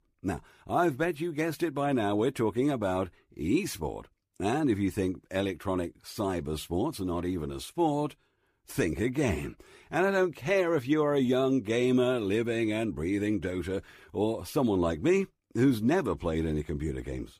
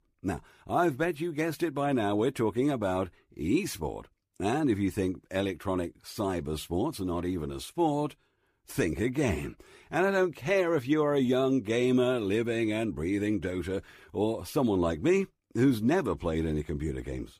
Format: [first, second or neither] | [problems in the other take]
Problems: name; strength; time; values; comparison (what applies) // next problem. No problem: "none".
neither | none